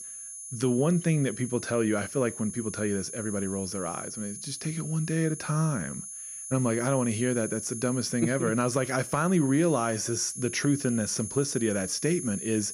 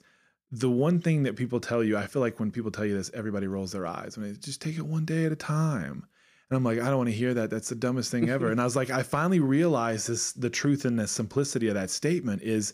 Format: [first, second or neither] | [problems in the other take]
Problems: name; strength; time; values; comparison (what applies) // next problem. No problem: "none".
second | high-pitched whine; loud; throughout; 10.5 kHz, 8 dB below the speech